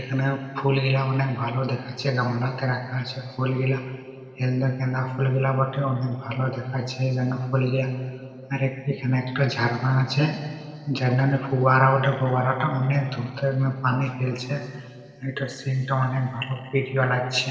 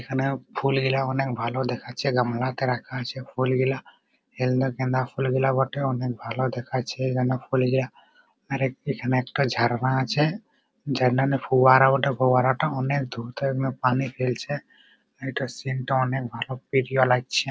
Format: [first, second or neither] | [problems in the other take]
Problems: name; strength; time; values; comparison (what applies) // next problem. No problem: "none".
second | room echo; dies away in 2.6 s